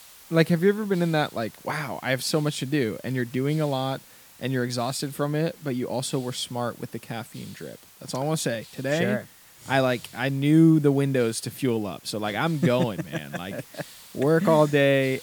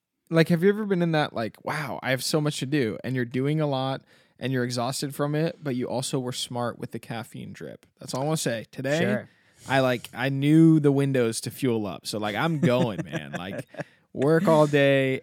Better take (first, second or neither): second